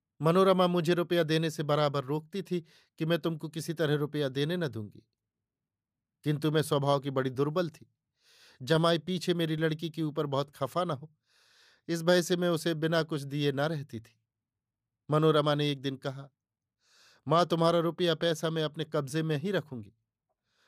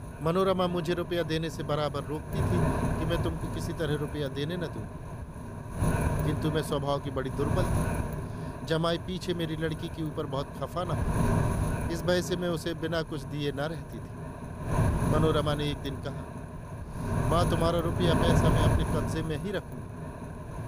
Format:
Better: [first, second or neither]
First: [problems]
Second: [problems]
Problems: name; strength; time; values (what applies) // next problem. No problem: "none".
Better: first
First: none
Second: wind noise on the microphone; heavy; 4 dB below the speech